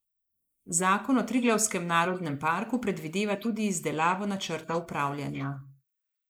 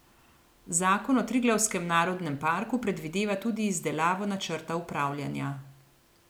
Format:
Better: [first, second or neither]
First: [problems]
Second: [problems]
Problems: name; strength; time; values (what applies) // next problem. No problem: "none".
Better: second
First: noise reduction (neural mask model Resemble Enhance denoiser)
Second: none